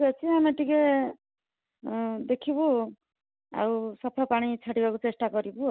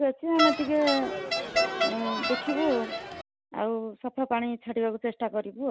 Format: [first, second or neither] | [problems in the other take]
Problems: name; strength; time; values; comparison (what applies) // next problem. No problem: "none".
first | background sound (Crowd); as loud as the speech